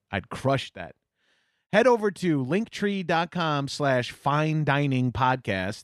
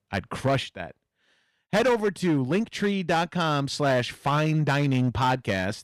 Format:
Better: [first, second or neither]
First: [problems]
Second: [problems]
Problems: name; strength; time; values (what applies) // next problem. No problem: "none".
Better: first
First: none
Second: distortion; slight; 7% of the sound clipped